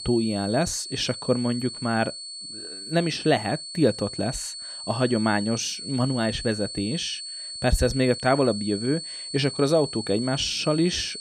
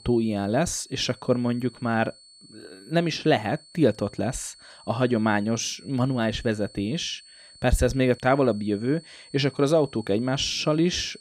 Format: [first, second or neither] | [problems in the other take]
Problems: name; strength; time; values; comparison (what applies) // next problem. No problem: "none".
second | high-pitched whine; loud; throughout; 4.5 kHz, 8 dB below the speech; faint in the second